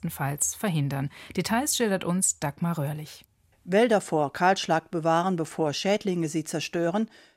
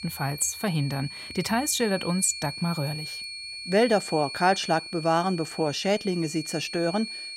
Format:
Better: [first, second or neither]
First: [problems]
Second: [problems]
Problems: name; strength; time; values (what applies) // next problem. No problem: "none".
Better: first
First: none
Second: high-pitched whine; loud; throughout; 4.5 kHz, 9 dB below the speech